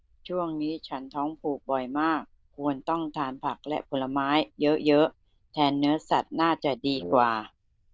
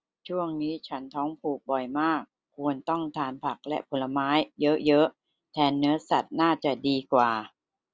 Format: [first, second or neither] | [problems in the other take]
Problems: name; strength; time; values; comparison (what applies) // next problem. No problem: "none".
second | noise reduction (neural diffusion model UNIVERSE++)